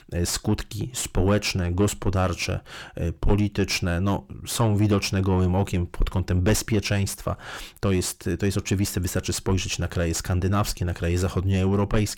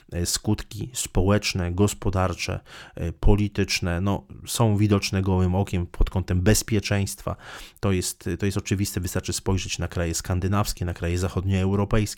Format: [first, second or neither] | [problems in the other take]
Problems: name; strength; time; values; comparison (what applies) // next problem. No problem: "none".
second | distortion; slight; 9 dB below the speech